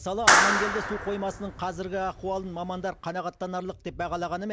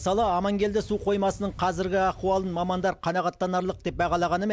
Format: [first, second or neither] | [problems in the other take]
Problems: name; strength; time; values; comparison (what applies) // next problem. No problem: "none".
second | background sound (Clapping); 4 dB above the speech